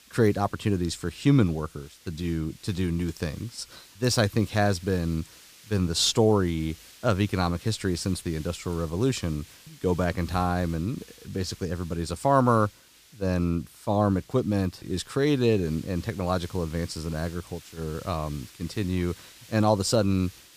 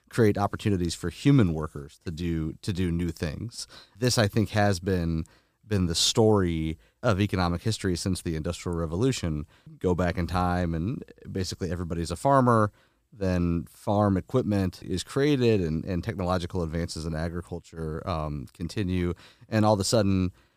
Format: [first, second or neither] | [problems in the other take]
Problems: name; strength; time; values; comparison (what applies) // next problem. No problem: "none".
second | hiss; faint; throughout; 20 dB below the speech